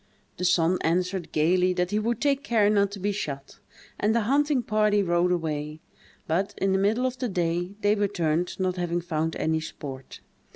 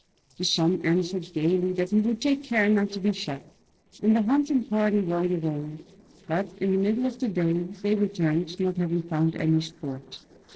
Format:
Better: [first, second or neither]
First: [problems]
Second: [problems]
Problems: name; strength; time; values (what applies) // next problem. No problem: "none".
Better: first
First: none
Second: noise reduction (neural separator model SepFormer DNS4)